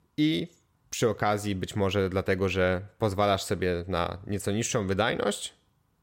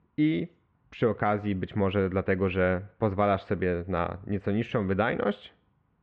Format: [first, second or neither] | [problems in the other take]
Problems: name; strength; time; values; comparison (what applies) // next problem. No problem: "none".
first | muffled; very; fading above 2.5 kHz